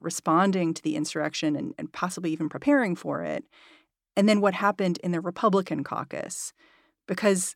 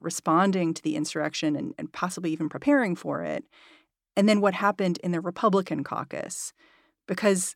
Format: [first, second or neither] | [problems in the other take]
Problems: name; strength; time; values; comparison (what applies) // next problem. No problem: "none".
neither | none